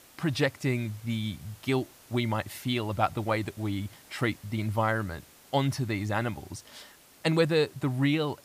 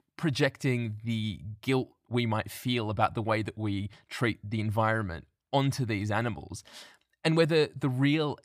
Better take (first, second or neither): second